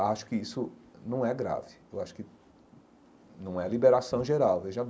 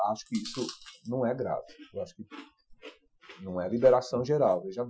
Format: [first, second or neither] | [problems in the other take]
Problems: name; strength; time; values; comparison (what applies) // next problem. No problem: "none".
first | noise reduction (classical method Wiener filter)